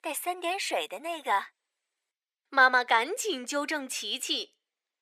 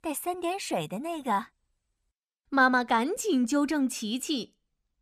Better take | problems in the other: second | thin; very; fading below 400 Hz

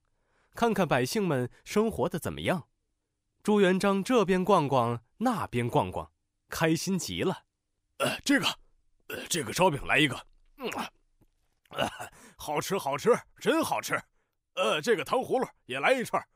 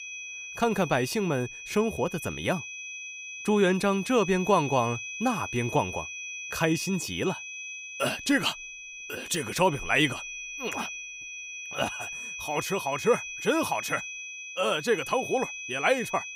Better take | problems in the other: first | high-pitched whine; loud; throughout; 2.5 kHz, 9 dB below the speech

